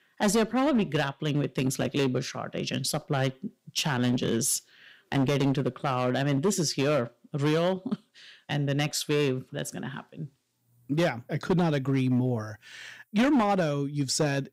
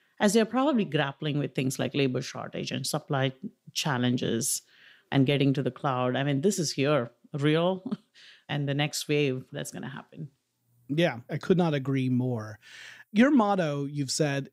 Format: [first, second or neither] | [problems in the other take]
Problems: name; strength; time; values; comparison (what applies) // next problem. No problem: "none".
second | distortion; slight; 6% of the sound clipped